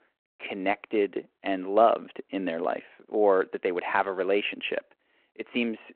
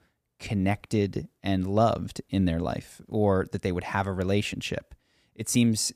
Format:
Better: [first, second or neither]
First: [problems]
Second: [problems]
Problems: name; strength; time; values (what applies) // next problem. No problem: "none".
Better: second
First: phone-call audio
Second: none